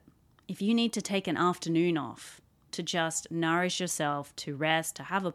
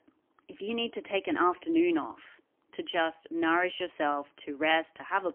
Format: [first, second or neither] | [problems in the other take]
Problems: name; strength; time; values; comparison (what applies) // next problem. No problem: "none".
first | phone-call audio; poor line; nothing above 3 kHz